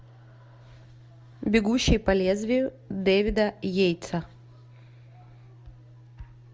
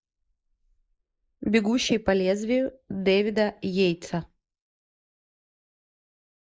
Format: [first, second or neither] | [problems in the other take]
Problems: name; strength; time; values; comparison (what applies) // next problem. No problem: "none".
first | noise reduction (neural mask model Resemble Enhance denoiser)